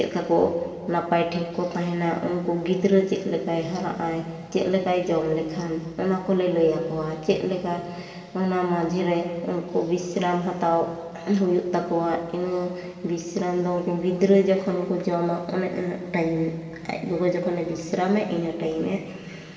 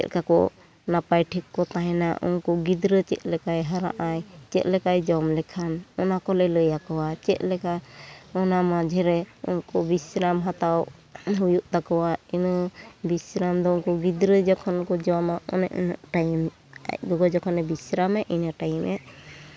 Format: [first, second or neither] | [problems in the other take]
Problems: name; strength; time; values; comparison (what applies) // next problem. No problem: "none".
second | room echo; dies away in 2.2 s